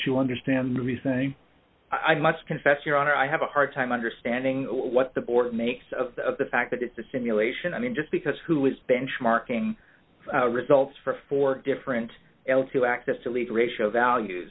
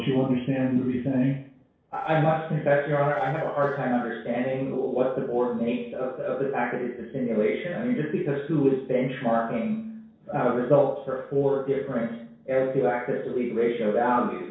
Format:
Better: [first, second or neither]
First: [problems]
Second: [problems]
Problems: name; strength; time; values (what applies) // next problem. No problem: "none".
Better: first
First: none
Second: noise reduction (neural separator model SepFormer DNS4)